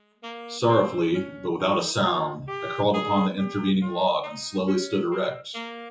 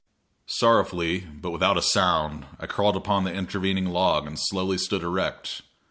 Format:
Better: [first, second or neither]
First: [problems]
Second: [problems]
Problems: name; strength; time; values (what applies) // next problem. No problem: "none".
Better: second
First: noise reduction (classical method WPE with log-MMSE)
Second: none